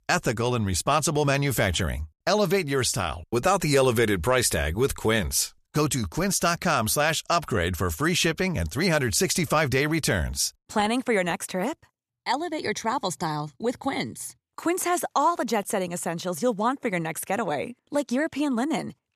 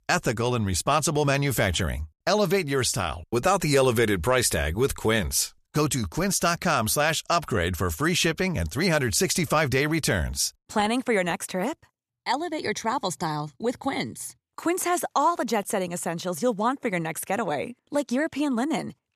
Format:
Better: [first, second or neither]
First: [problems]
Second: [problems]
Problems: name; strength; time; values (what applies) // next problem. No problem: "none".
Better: neither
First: none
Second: none